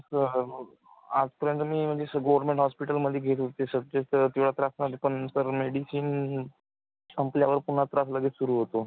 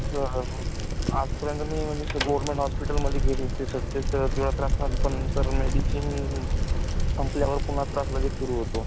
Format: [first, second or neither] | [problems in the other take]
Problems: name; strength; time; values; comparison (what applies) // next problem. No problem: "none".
first | background sound (Bicycle); 5 dB above the speech